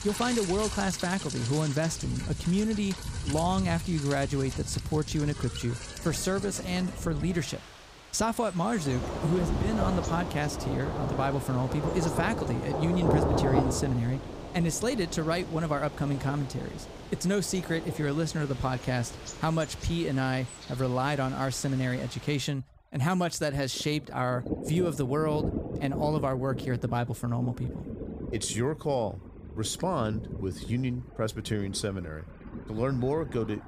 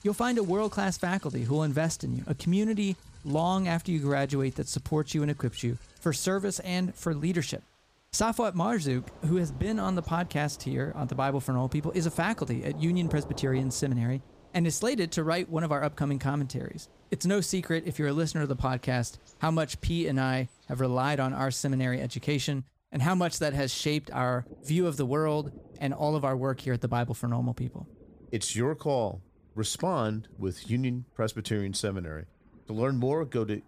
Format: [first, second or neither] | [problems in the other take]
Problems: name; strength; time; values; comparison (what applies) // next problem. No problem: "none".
second | rain or running water; loud; throughout; 6 dB below the speech; faint in the second